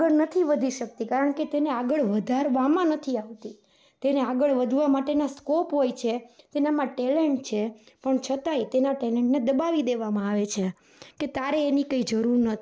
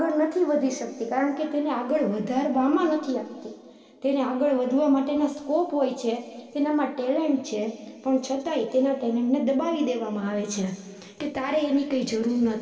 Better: first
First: none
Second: room echo; dies away in 2.2 s

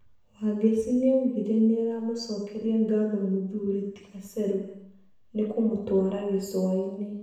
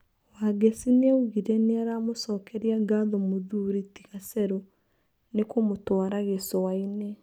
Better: second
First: room echo; dies away in 0.8 s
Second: none

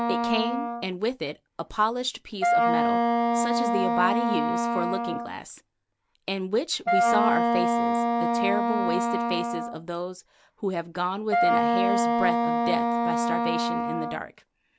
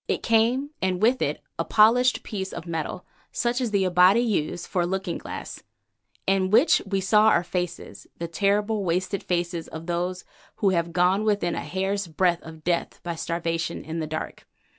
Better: second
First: background sound (Wind instrument, woodwind instrument); 5 dB above the speech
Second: none

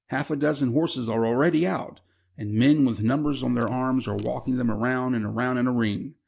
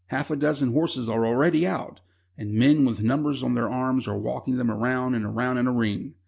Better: second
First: noise reduction (neural mask model Resemble Enhance denoiser)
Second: none

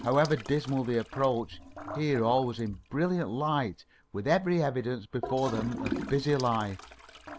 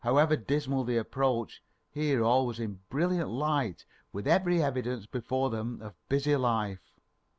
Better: second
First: background sound (Toilet flush / Gurgling); 12 dB below the speech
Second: none

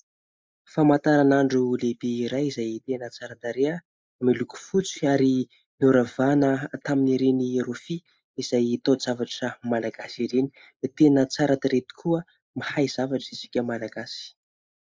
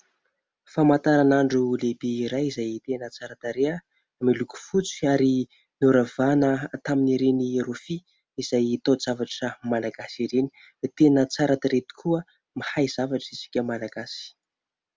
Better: second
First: noise reduction (neural mask model Resemble Enhance denoiser)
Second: none

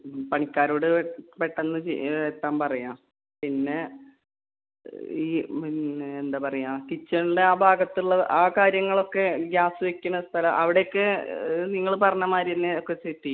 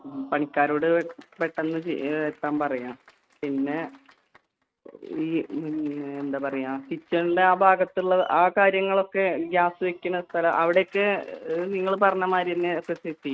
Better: first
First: none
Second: noise reduction (neural mask model RNNoise)

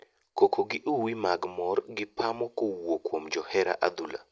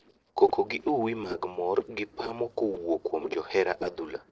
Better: first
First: none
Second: noise reduction (neural separator model SepFormer DNS4)

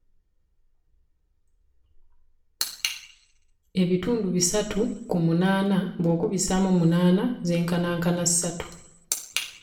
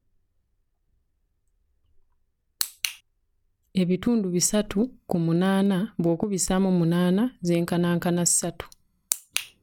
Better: second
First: room echo; dies away in 0.6 s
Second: none

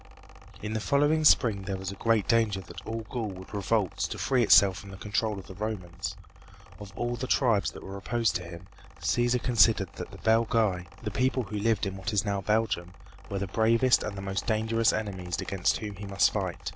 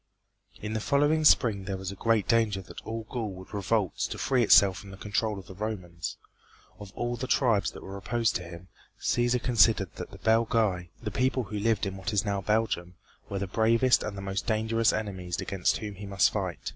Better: second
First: background sound (Mechanical fan); 18 dB below the speech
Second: none

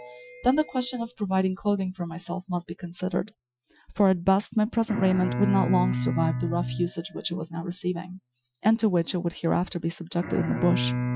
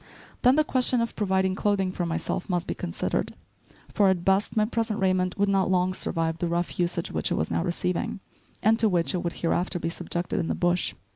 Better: second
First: noise reduction (classical method Wiener filter)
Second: none

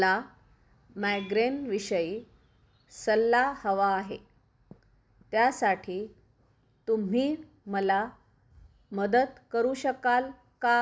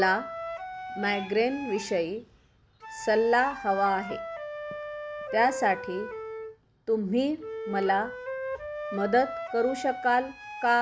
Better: first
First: none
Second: background sound (Wind instrument, woodwind instrument); 9 dB below the speech

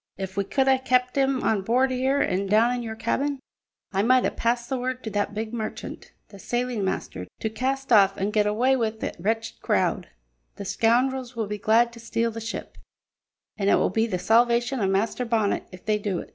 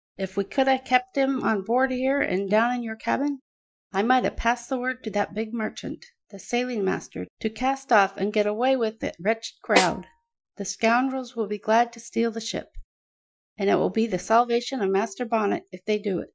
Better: first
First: none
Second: noise reduction (classical method Wiener filter)

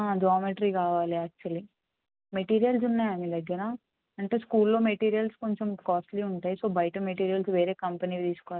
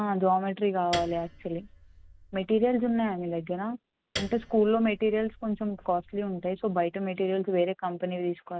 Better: first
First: none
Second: background sound (Piano); 16 dB below the speech

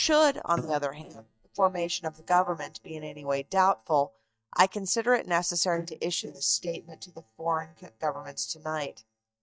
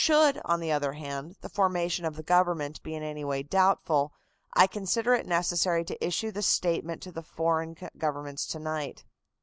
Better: second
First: noise reduction (neural mask model DeepFilterNet 3)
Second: none

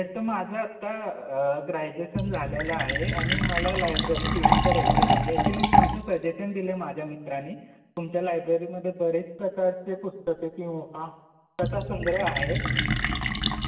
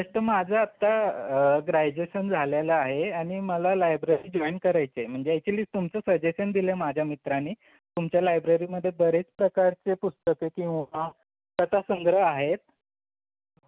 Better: second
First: background sound (Fill (with liquid)); 2 dB above the speech // room echo; dies away in 1 s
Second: none

